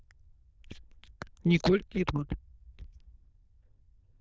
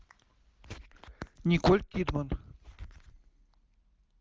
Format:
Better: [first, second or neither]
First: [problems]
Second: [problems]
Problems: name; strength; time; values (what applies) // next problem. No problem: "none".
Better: second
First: noise reduction (neural diffusion model UNIVERSE++)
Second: none